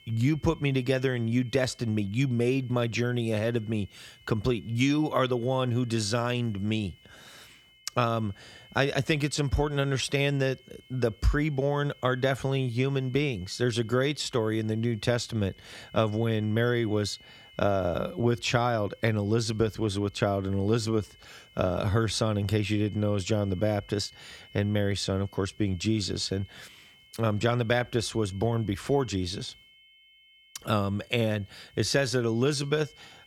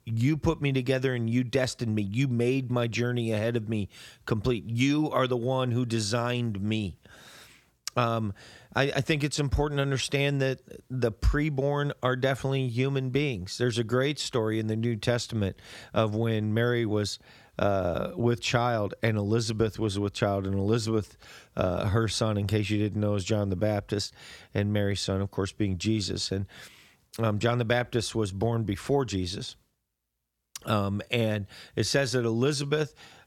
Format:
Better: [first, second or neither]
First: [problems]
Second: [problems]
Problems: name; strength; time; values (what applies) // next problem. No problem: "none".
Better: second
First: high-pitched whine; faint; throughout; 3 kHz, 25 dB below the speech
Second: none